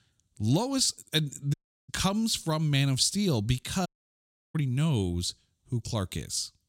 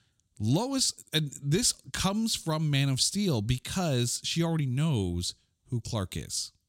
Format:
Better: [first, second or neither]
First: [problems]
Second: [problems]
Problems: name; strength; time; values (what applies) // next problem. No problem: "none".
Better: second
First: audio cutting out; at 1.5 s and at 4 s for 0.5 s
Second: none